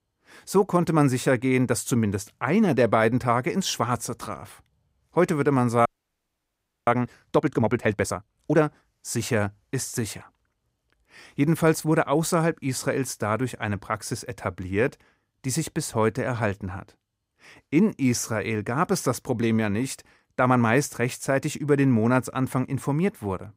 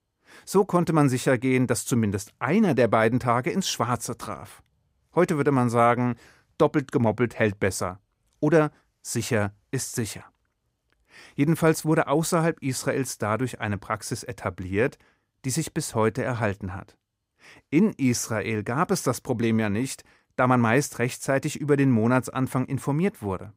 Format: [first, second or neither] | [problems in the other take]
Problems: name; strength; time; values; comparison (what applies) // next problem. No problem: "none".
second | audio freezing; at 6 s for 1 s